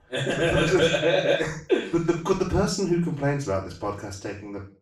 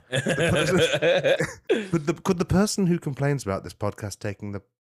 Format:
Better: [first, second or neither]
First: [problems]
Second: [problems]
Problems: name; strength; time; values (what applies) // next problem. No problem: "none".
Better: second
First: room echo; noticeable; dies away in 0.3 s // off-mic speech; far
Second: none